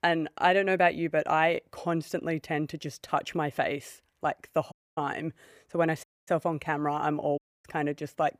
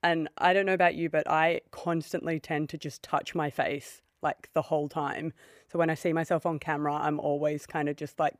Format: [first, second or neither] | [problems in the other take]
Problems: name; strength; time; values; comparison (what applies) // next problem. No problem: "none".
second | audio cutting out; at 4.5 s, at 6 s and at 7.5 s